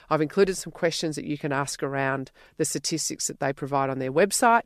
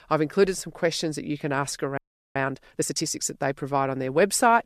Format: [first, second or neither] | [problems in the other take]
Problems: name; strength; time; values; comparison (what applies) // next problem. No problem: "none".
first | audio freezing; at 2 s